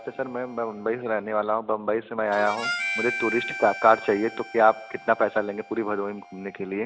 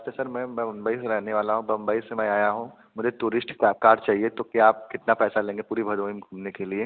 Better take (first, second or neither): second